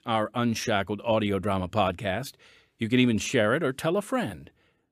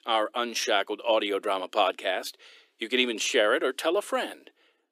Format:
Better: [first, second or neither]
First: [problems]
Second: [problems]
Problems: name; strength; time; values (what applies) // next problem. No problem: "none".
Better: first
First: none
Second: thin; somewhat; fading below 300 Hz